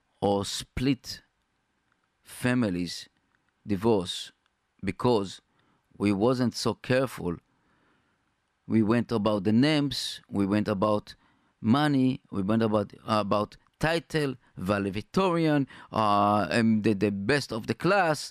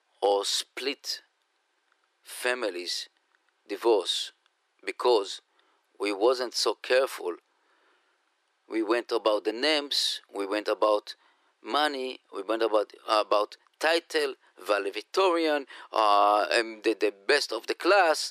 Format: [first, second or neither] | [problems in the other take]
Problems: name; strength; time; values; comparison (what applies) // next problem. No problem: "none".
first | thin; very; fading below 350 Hz